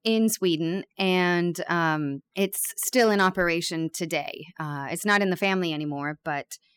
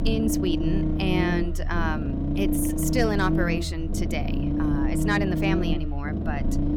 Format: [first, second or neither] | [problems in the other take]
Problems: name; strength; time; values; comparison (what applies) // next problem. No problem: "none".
first | low rumble; loud; throughout; 2 dB below the speech